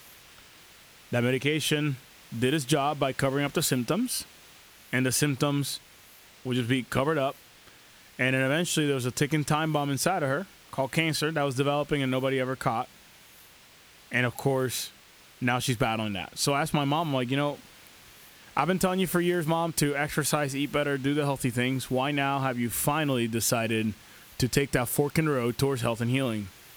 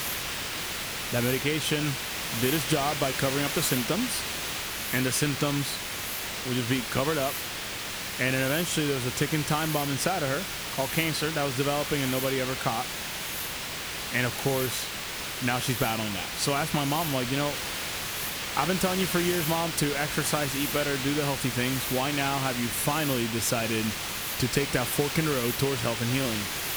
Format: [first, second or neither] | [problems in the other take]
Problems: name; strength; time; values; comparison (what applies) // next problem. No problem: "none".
first | hiss; loud; throughout; 2 dB below the speech; faint in the first